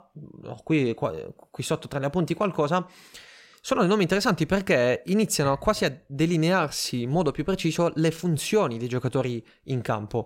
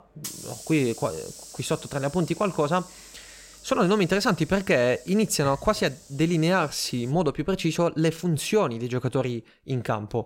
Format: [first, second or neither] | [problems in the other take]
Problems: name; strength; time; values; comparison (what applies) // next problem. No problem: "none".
first | hiss; noticeable; until 7 s; 20 dB below the speech